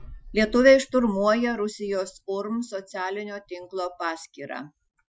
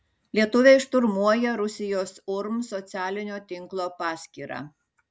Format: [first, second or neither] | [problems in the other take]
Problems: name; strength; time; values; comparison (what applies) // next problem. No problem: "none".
second | noise reduction (classical method Wiener filter)